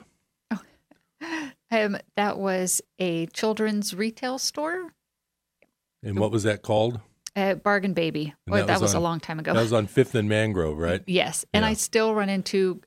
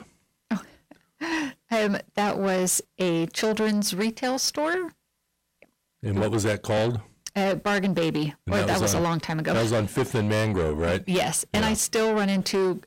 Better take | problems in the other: first | distortion; heavy; 7 dB below the speech

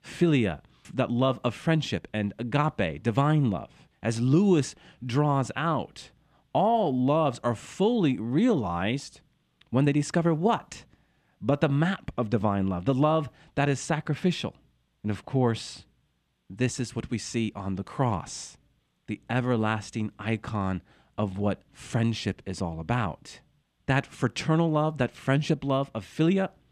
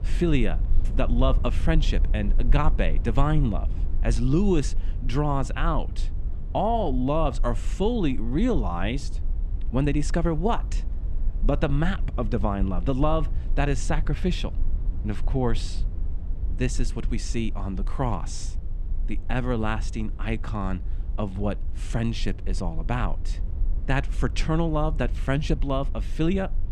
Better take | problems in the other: first | low rumble; noticeable; throughout; 20 dB below the speech

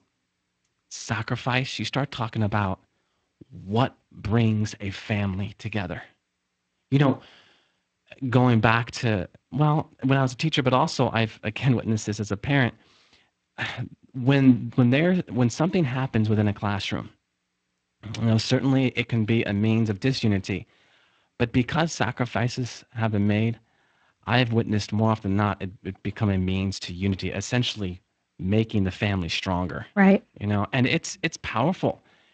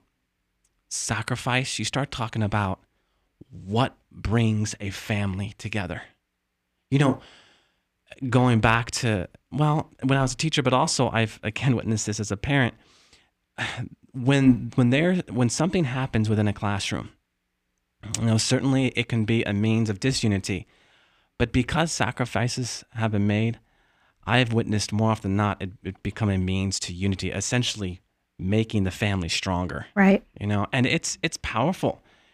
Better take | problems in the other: second | garbled, watery; slightly; nothing above 7.5 kHz

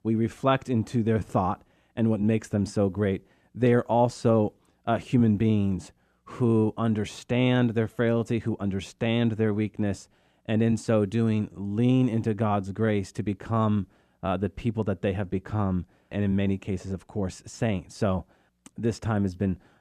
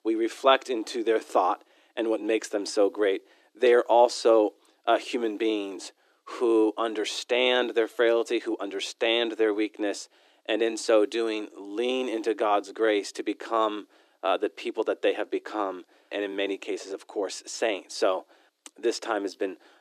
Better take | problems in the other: first | thin; very; fading below 300 Hz

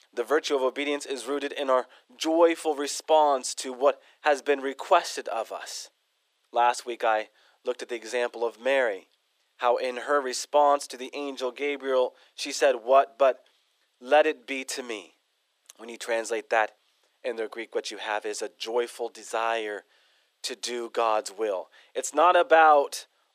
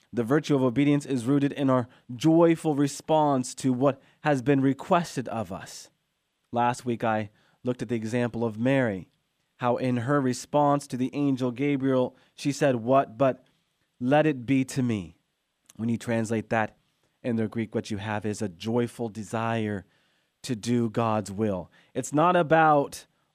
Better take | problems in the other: second | thin; very; fading below 400 Hz

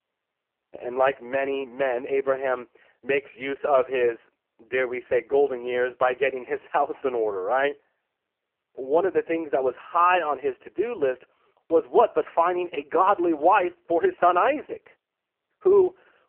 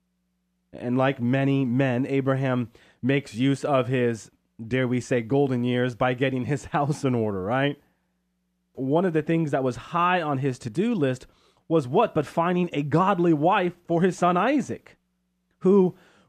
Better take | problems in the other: second | phone-call audio; poor line; nothing above 2.5 kHz

